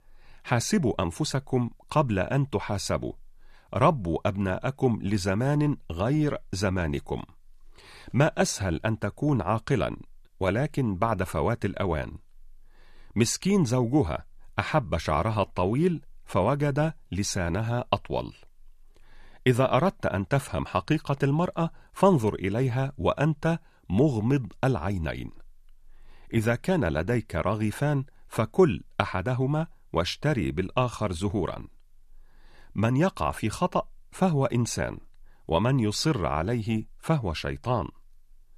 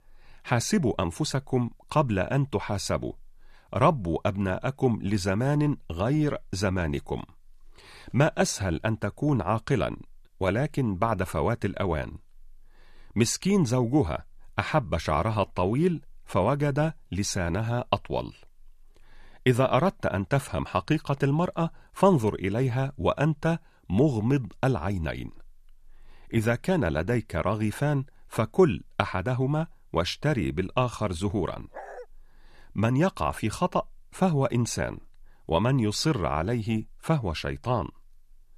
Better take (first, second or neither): first